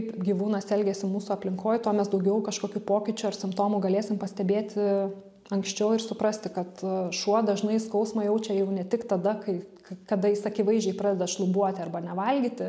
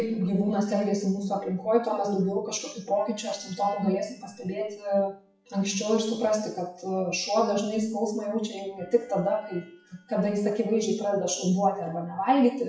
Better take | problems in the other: first | noise reduction (classical method WPE with log-MMSE)

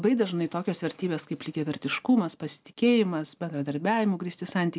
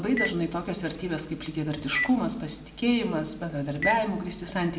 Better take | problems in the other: first | background sound (Telephone); 8 dB below the speech // room echo; dies away in 0.9 s

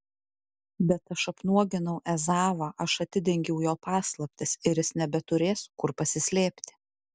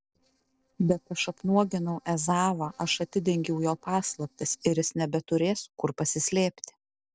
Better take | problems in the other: first | noise reduction (neural separator model SepFormer DNS4)

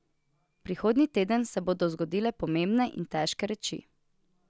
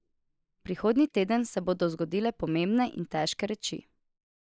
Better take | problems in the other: first | noise reduction (neural mask model Resemble Enhance denoiser)

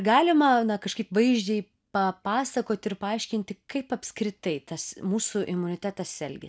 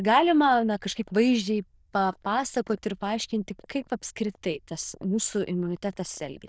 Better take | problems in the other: first | noise reduction (neural diffusion model UNIVERSE++)

